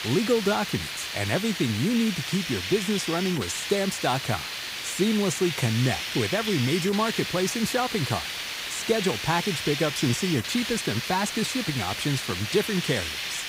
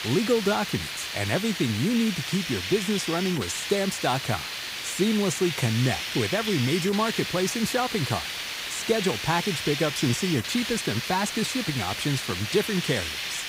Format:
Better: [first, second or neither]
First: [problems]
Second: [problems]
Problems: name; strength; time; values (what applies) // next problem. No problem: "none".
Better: neither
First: hiss; loud; throughout; 3 dB below the speech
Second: hiss; loud; throughout; 3 dB below the speech